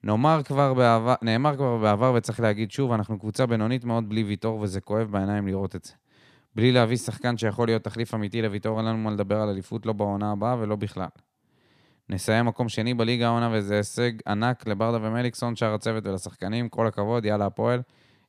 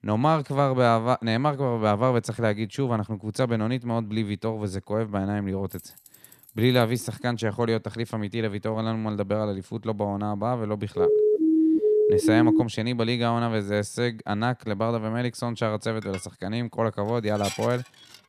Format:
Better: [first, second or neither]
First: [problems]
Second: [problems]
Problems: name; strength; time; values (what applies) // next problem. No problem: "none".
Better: first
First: none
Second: jangling keys; faint; from 5.5 to 7 s; peak 20 dB below the speech // siren; loud; from 11 to 13 s; peak 6 dB above the speech // clattering dishes; noticeable; from 16 s on; peak 8 dB below the speech